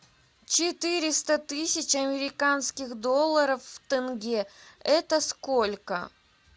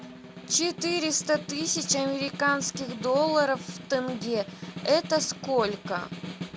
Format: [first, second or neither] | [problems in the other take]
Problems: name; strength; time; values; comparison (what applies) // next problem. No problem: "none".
first | background sound (Snare drum); 12 dB below the speech